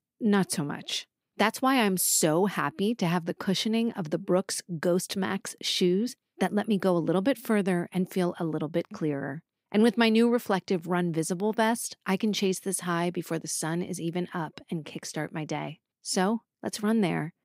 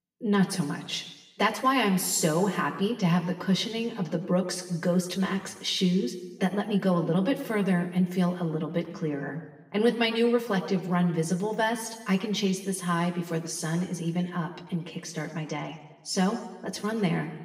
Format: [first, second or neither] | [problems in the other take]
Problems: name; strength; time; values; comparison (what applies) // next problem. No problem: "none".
first | room echo; slight; dies away in 1 s // off-mic speech; somewhat distant